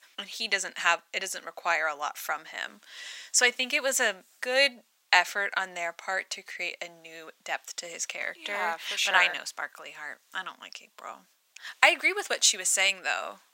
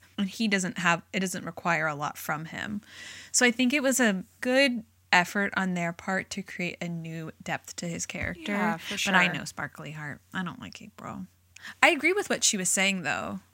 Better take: second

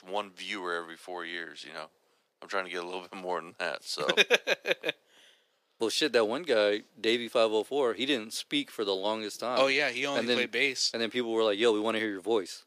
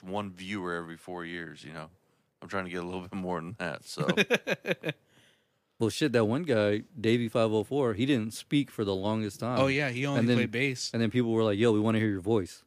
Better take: second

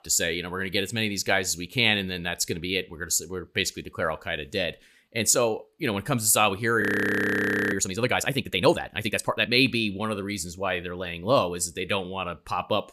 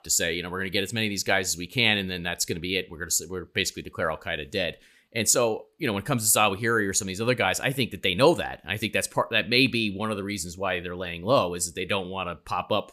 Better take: second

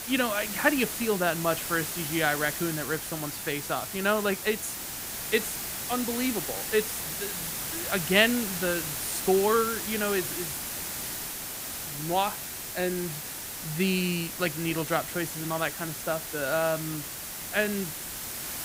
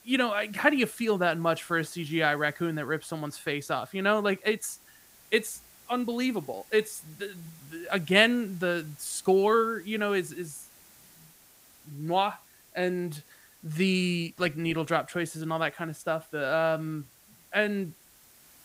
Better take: second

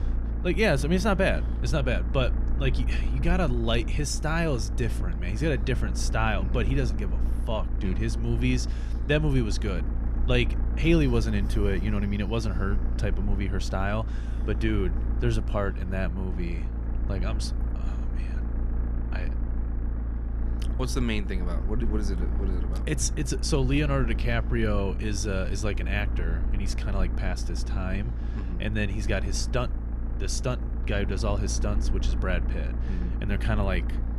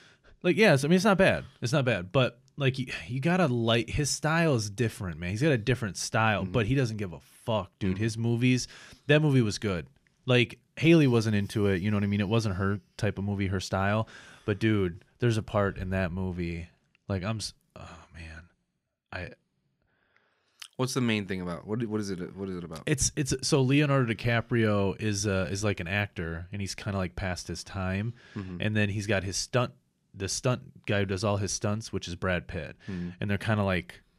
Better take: second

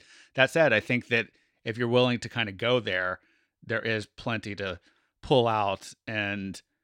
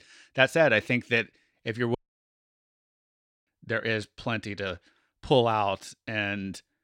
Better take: first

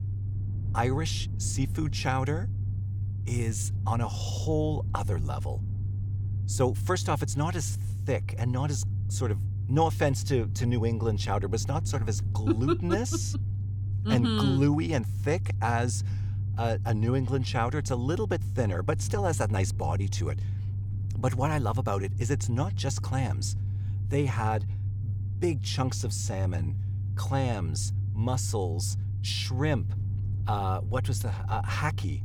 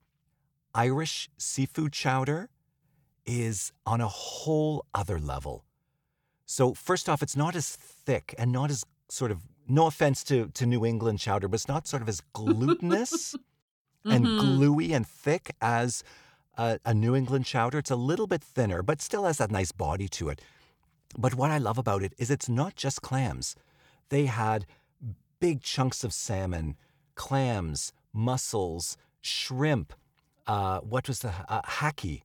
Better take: second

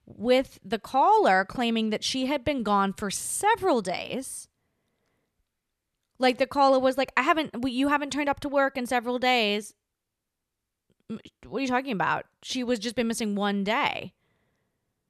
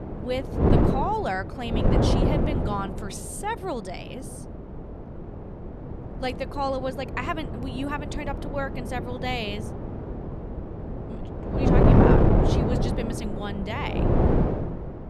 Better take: first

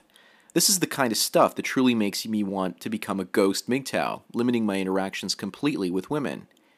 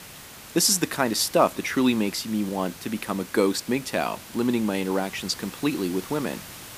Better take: first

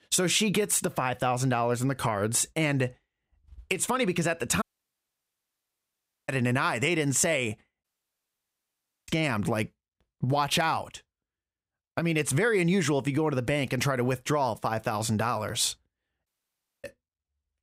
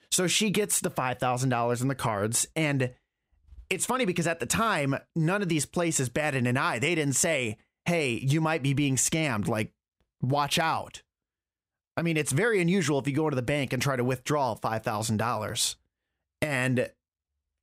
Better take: second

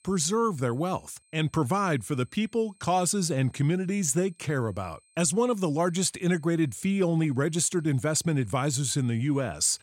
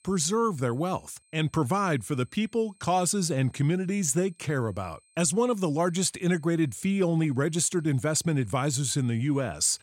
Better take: neither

